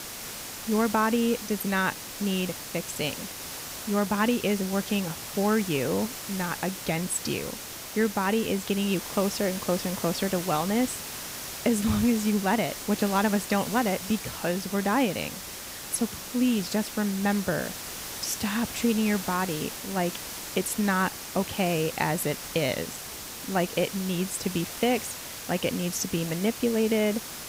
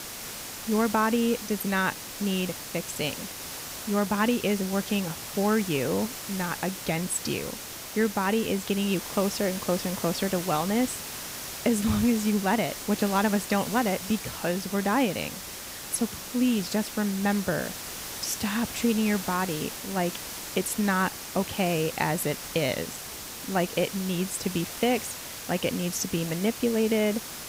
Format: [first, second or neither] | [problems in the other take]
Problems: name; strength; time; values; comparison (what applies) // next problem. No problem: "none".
neither | hiss; loud; throughout; 8 dB below the speech; the same in both